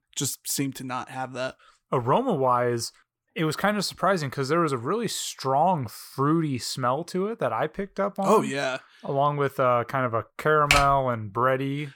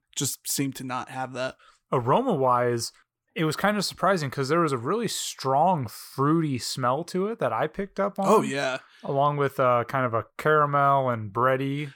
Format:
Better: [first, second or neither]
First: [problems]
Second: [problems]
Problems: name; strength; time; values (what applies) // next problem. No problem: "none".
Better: second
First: keyboard typing; loud; at 11 s; peak 3 dB above the speech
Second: none